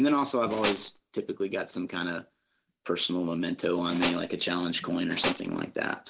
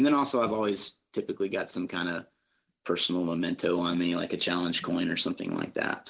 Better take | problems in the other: second | background sound (Tools); 4 dB below the speech

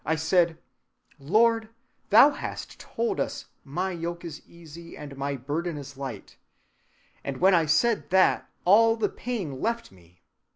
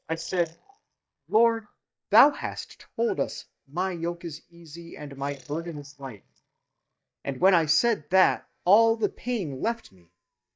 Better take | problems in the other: first | noise reduction (neural mask model DeepFilterNet 3)

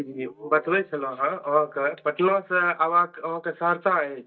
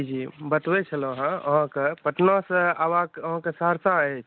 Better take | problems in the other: second | noise reduction (neural mask model DeepFilterNet 3)

